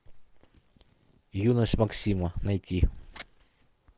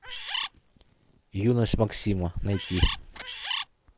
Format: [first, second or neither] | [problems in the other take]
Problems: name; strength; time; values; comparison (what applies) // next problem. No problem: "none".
first | background sound (Bird); 5 dB below the speech